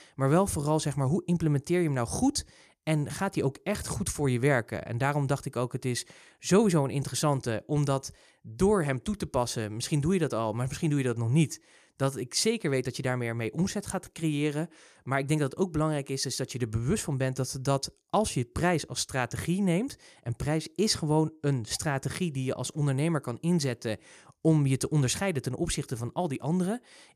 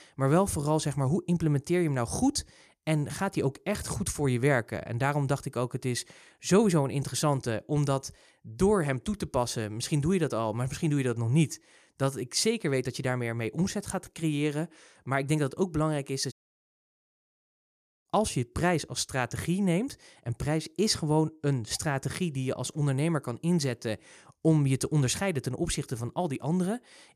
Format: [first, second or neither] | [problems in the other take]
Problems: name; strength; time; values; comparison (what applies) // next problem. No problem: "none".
first | audio cutting out; at 16 s for 1.5 s